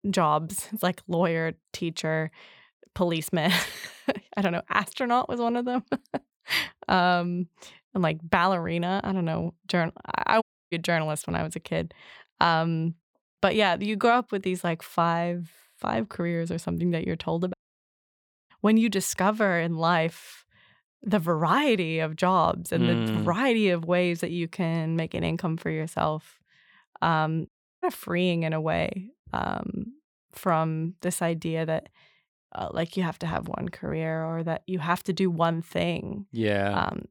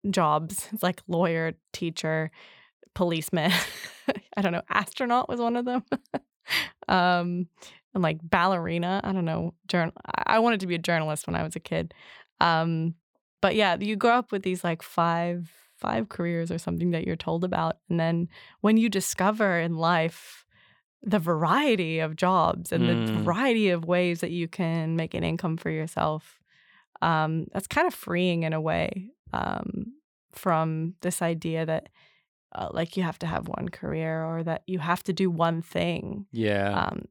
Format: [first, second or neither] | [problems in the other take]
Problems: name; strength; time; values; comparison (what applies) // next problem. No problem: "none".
second | audio cutting out; at 10 s, at 18 s for 1 s and at 27 s